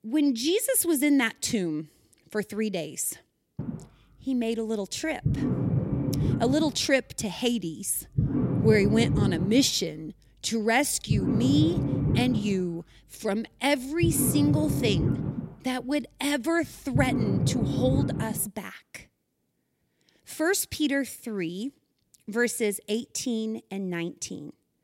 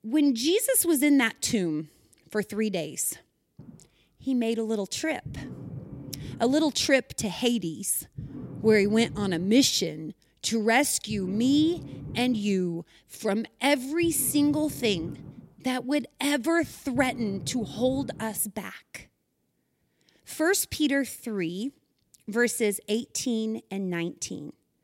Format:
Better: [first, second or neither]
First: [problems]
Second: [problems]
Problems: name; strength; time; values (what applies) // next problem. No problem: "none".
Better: second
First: low rumble; loud; from 3.5 to 18 s; 6 dB below the speech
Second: low rumble; faint; from 3.5 to 18 s; 20 dB below the speech